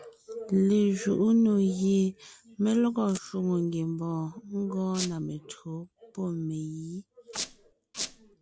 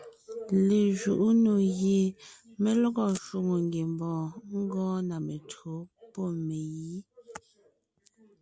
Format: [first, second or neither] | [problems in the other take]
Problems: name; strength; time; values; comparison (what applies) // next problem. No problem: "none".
second | background sound (Squeak); 9 dB below the speech